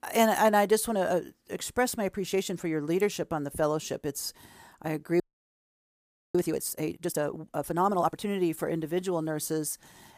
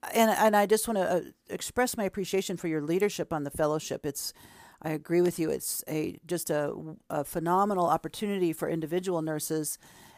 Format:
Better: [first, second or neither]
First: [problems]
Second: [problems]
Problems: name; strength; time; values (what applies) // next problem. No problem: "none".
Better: second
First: audio freezing; at 5 s for 1 s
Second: none